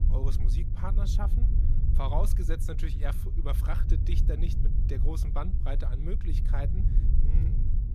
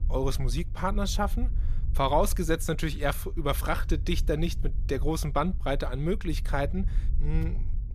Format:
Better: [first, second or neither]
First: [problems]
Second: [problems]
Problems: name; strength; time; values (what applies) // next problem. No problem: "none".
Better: second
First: low rumble; loud; throughout; 5 dB below the speech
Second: low rumble; faint; throughout; 20 dB below the speech